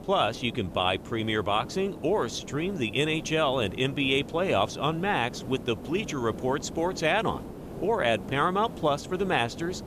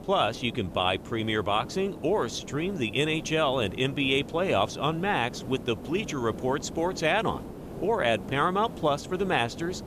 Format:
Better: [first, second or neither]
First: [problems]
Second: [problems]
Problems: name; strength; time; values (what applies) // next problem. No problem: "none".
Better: neither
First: hiss; noticeable; throughout; 15 dB below the speech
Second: hiss; noticeable; throughout; 15 dB below the speech